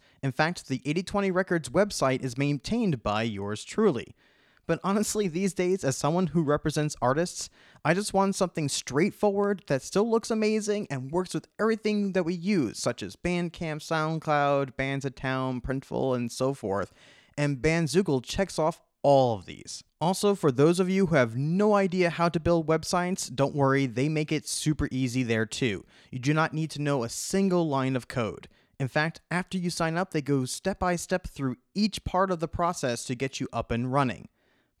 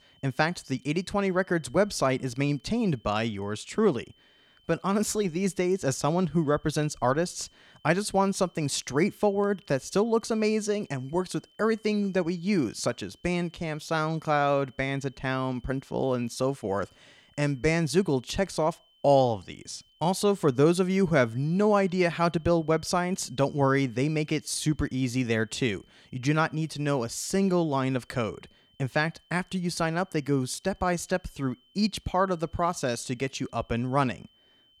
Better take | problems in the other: first | high-pitched whine; faint; throughout; 3 kHz, 35 dB below the speech

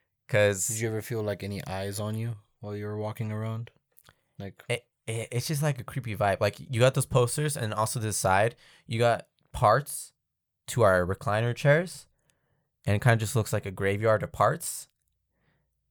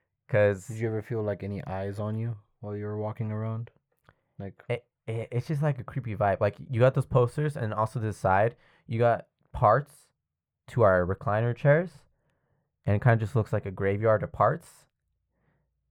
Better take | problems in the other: first | muffled; very; fading above 3 kHz

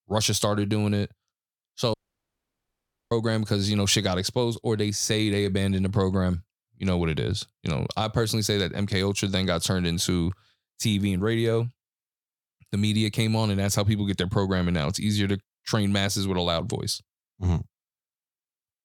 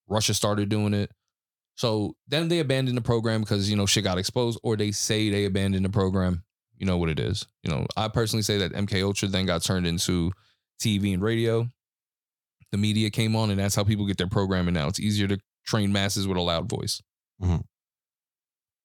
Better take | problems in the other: second | audio cutting out; at 2 s for 1 s

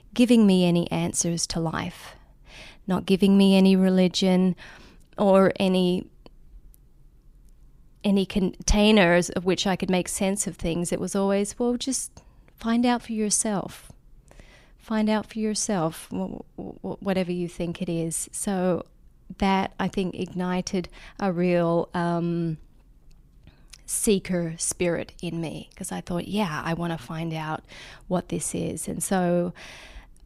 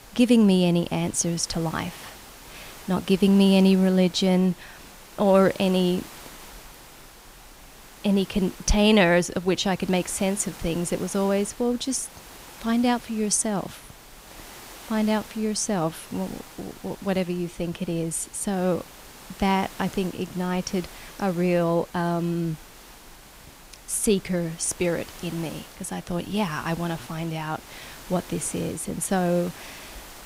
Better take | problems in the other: first | hiss; noticeable; throughout; 20 dB below the speech

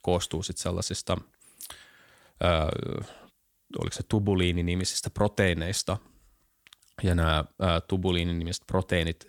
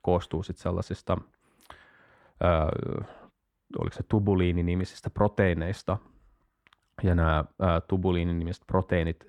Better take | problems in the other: first | muffled; very; fading above 3 kHz

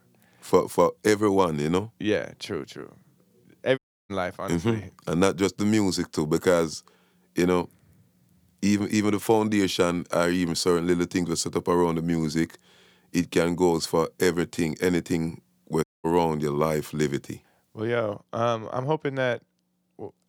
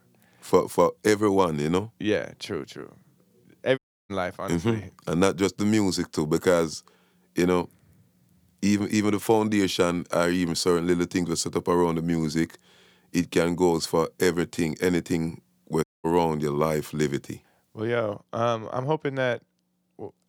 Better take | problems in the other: neither | audio cutting out; at 4 s and at 16 s; the same in both

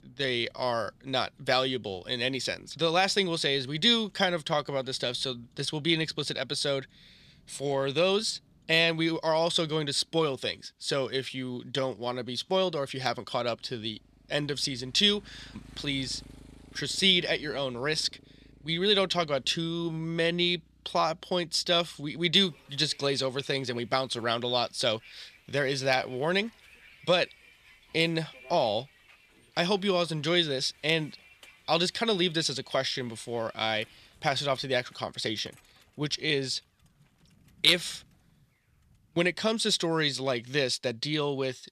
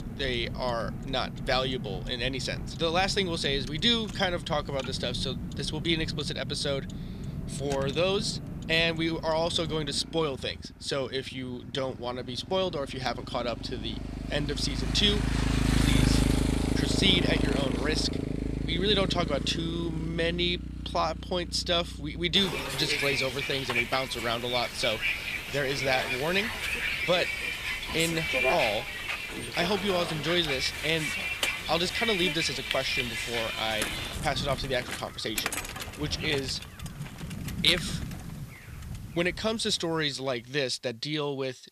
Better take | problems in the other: first | traffic noise; loud; throughout; 3 dB below the speech; faint in the first

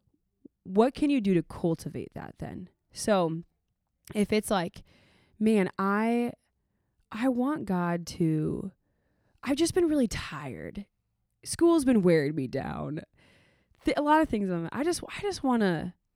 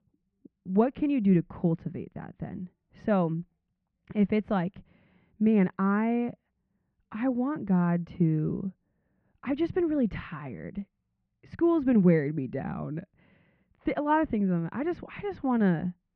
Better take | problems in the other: first | muffled; very; fading above 2.5 kHz

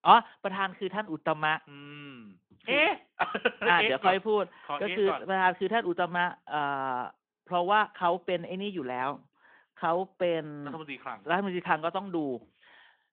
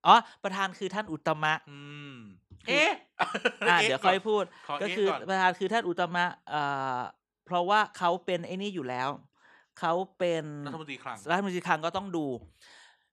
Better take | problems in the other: second | phone-call audio

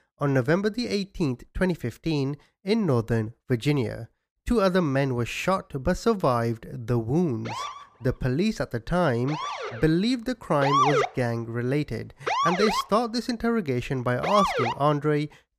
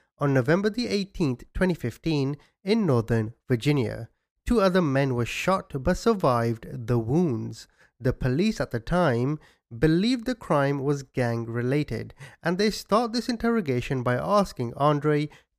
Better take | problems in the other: second | siren; loud; from 7.5 to 15 s; peak 5 dB above the speech

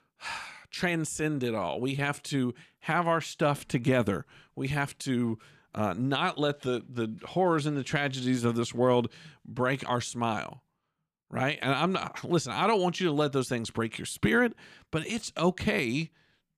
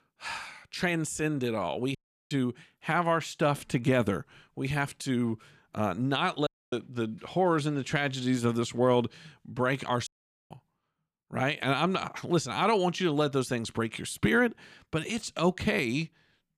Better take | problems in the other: first | audio cutting out; at 2 s, at 6.5 s and at 10 s

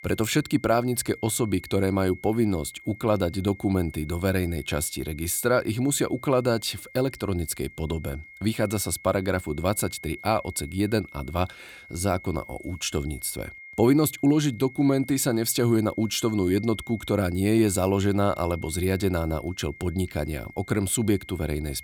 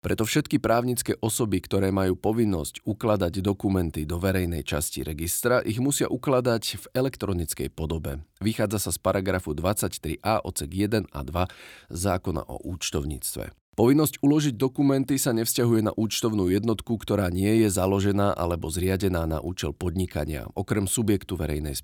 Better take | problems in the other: second | high-pitched whine; noticeable; throughout; 2 kHz, 20 dB below the speech

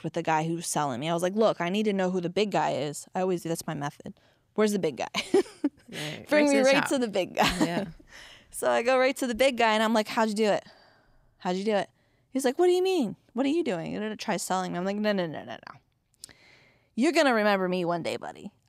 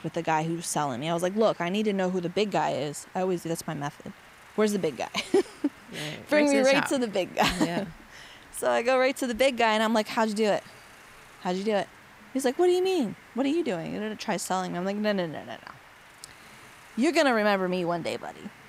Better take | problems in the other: first | hiss; faint; throughout; 25 dB below the speech

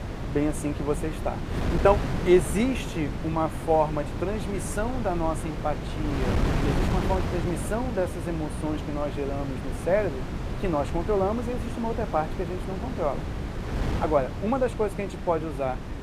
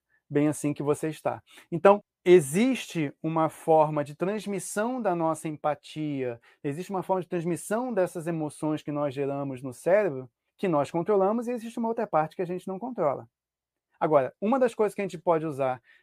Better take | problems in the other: second | wind noise on the microphone; heavy; 8 dB below the speech

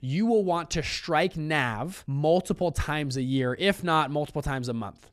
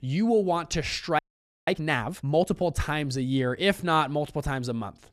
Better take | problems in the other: first | audio freezing; at 1 s

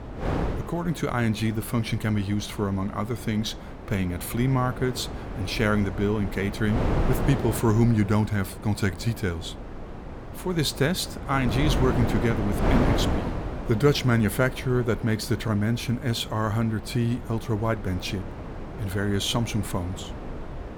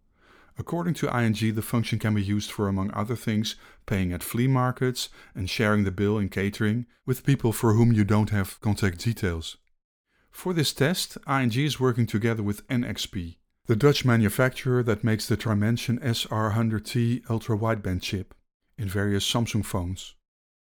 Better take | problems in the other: second | wind noise on the microphone; heavy; 7 dB below the speech

